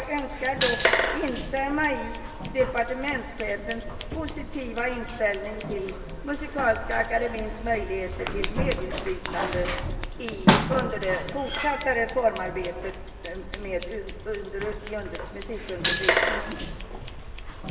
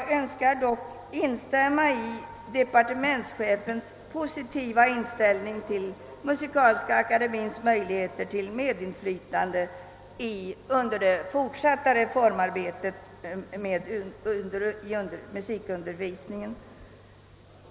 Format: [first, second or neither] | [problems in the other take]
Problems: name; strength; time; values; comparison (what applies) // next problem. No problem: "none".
second | background sound (Scissors); as loud as the speech // room echo; dies away in 1.3 s